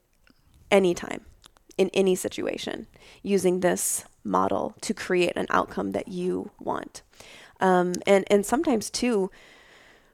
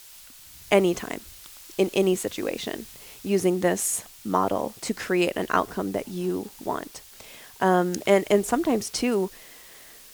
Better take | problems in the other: first | hiss; noticeable; throughout; 20 dB below the speech

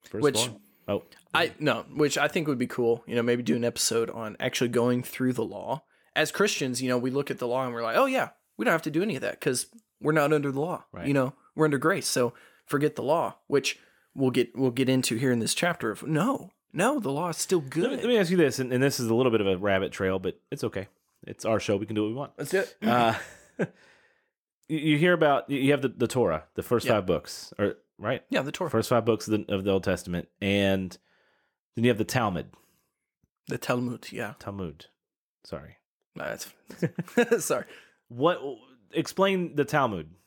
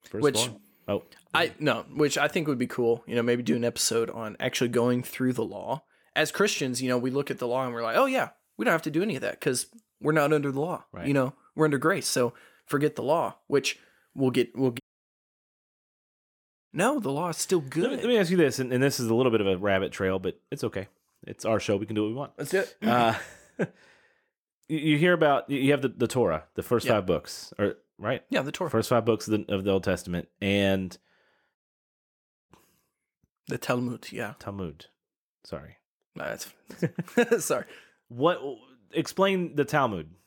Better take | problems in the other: first | audio cutting out; at 15 s for 2 s and at 32 s for 1 s

